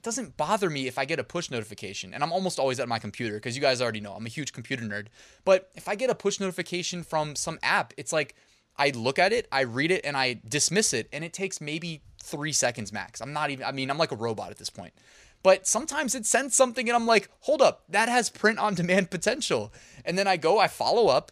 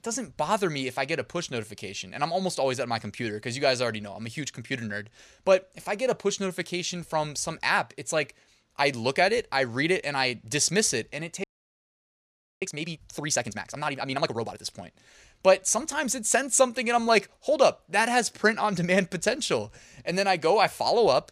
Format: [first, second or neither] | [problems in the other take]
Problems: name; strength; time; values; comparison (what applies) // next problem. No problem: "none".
first | audio freezing; at 11 s for 1 s